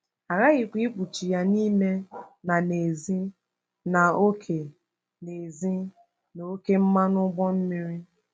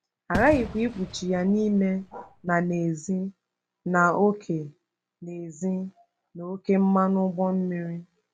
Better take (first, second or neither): first